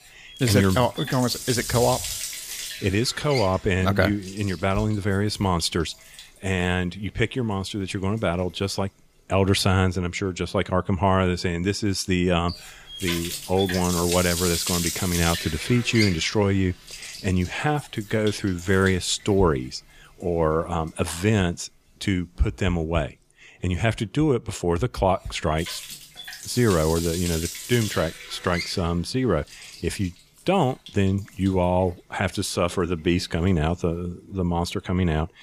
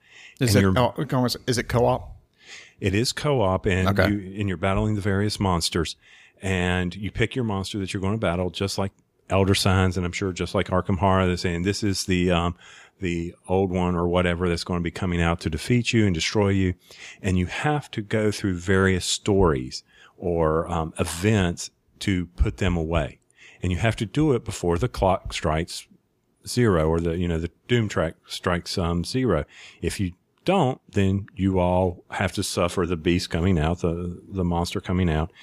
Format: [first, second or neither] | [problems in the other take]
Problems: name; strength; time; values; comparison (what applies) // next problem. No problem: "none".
second | household noises; loud; throughout; 7 dB below the speech